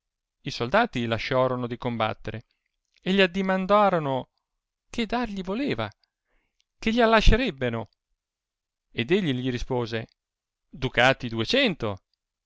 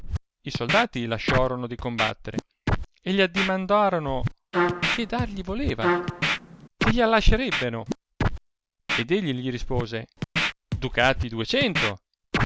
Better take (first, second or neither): first